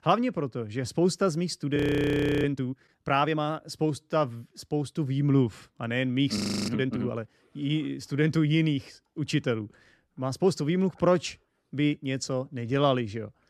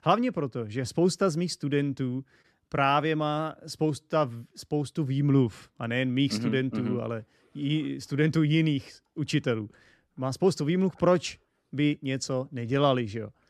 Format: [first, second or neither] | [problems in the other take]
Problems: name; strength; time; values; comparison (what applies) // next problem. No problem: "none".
second | audio freezing; at 2 s for 0.5 s and at 6.5 s